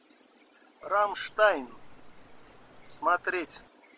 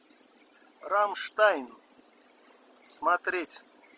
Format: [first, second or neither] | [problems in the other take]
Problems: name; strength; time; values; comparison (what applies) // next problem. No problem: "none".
second | background sound (Cricket); 19 dB below the speech